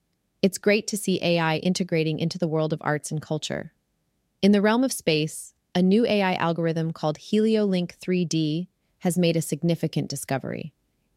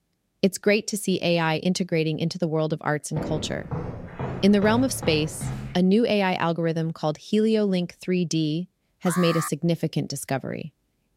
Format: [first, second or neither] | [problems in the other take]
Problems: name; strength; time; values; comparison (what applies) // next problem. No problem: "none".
first | footsteps; noticeable; from 3 to 6 s; peak 8 dB below the speech // alarm; noticeable; at 9 s; peak 6 dB below the speech